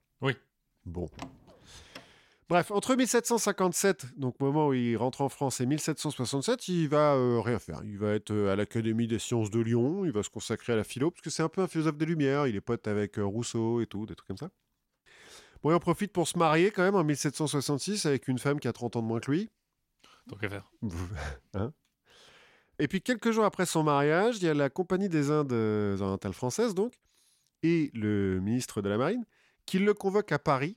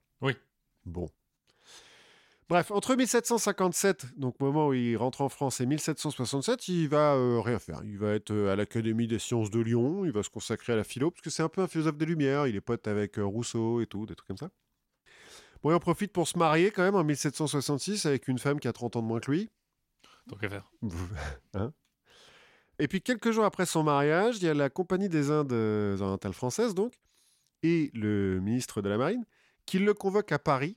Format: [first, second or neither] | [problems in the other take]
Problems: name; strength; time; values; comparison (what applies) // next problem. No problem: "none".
second | door banging; faint; at 1 s; peak 15 dB below the speech